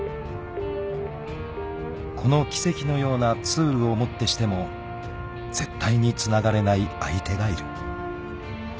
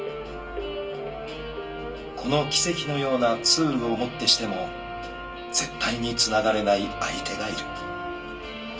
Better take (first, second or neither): first